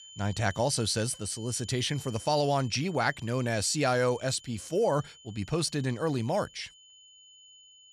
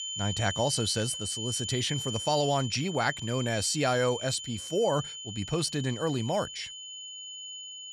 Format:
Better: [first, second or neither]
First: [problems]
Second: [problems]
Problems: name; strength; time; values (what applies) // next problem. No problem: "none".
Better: first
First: high-pitched whine; faint; throughout; 3 kHz, 20 dB below the speech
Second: high-pitched whine; loud; throughout; 3 kHz, 7 dB below the speech